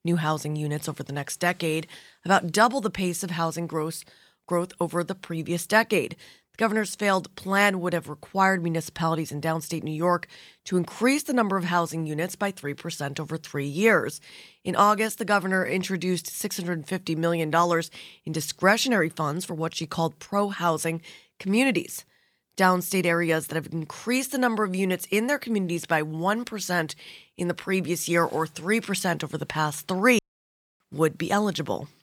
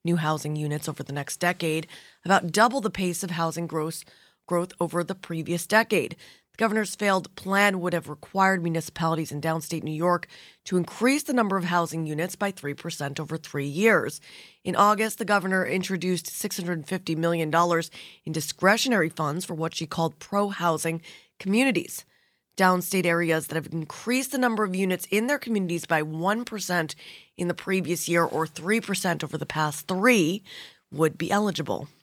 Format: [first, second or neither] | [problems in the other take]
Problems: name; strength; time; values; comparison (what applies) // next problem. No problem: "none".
second | audio cutting out; at 30 s for 0.5 s